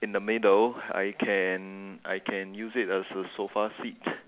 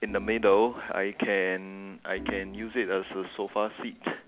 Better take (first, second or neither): first